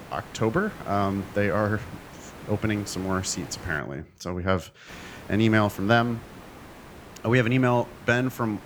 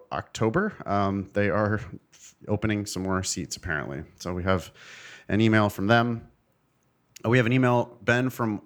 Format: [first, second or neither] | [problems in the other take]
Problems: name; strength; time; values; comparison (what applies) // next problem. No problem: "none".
second | hiss; noticeable; until 4 s and from 5 s on; 20 dB below the speech